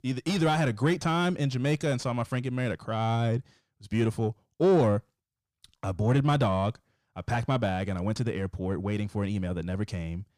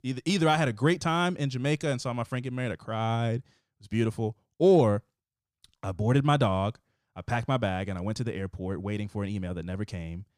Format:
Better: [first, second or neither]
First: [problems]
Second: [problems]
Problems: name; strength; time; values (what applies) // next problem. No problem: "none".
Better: second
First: distortion; slight; 10 dB below the speech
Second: none